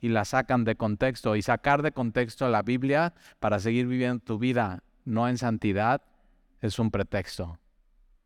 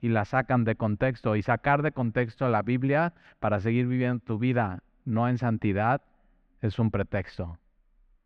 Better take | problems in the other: first | muffled; slightly; fading above 2.5 kHz

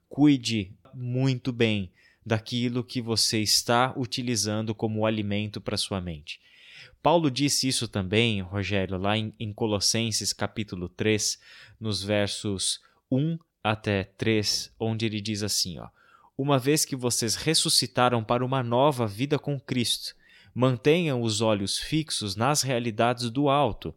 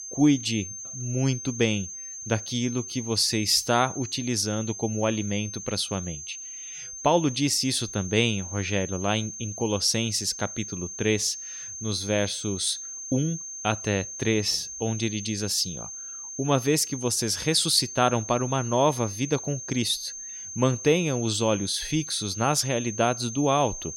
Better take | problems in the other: first | high-pitched whine; loud; throughout; 6.5 kHz, 9 dB below the speech

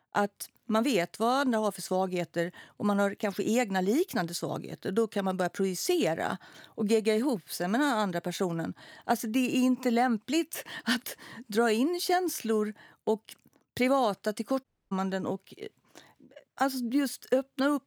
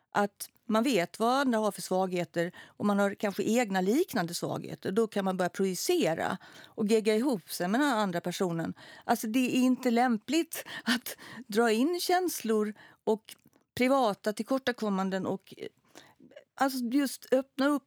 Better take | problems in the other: second | audio cutting out; at 15 s

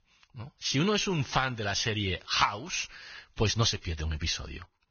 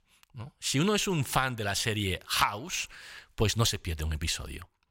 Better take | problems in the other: second | garbled, watery; badly; nothing above 6.5 kHz

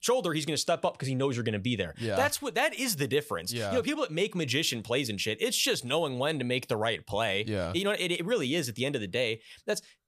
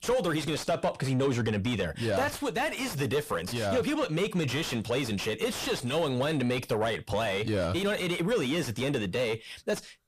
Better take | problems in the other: first | distortion; heavy; 6 dB below the speech

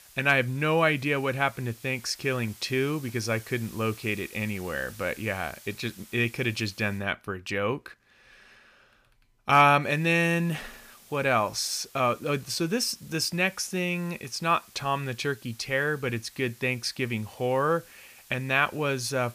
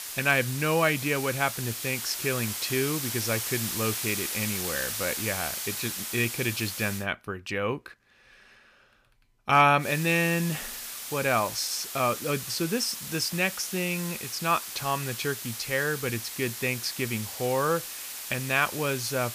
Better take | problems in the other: first | hiss; loud; until 7 s and from 10 s on; 5 dB below the speech; faint in the first

